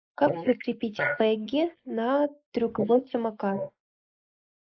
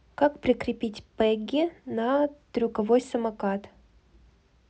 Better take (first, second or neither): second